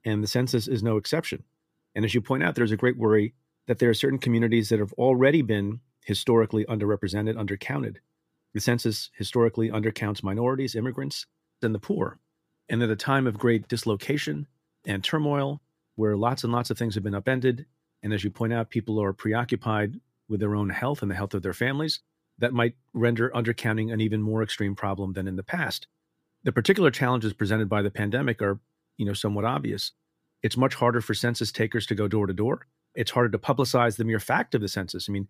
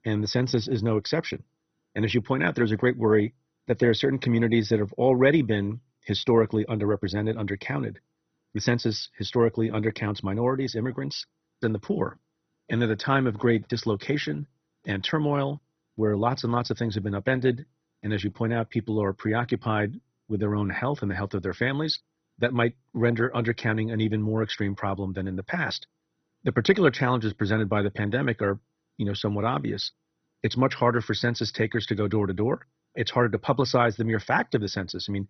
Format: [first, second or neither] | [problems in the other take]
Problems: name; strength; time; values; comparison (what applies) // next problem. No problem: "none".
first | garbled, watery; badly; nothing above 6 kHz